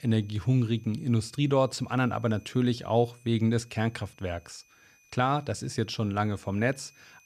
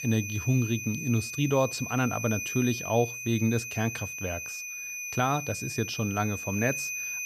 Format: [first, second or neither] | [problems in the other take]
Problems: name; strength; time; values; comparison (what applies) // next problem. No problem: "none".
first | high-pitched whine; loud; throughout; 2.5 kHz, 5 dB below the speech; faint in the first